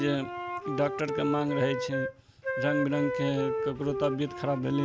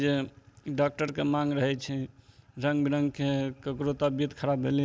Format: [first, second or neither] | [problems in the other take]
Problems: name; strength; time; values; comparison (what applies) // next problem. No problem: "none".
second | background sound (Wind instrument, woodwind instrument); 3 dB below the speech